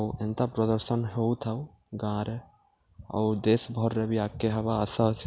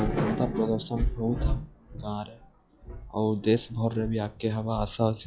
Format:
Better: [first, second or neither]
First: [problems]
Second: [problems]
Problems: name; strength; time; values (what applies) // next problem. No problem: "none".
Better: first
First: none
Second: noise reduction (classical method log-MMSE)